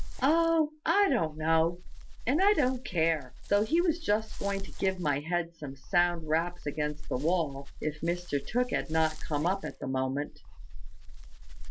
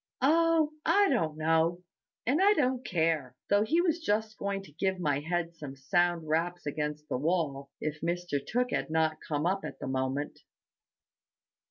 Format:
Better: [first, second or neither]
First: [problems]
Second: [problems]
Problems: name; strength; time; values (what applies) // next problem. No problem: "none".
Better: second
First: background sound (Dog); 6 dB below the speech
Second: none